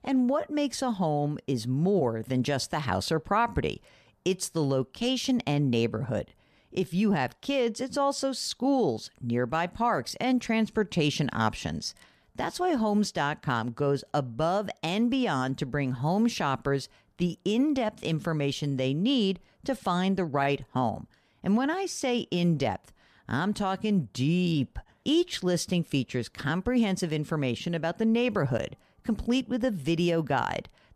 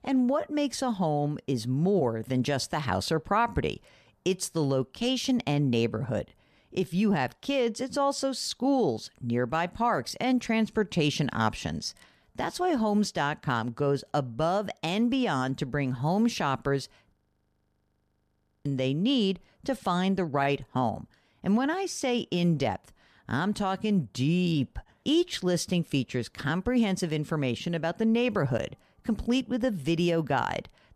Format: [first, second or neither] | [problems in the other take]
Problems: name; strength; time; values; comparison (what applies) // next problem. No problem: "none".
first | audio freezing; at 17 s for 1.5 s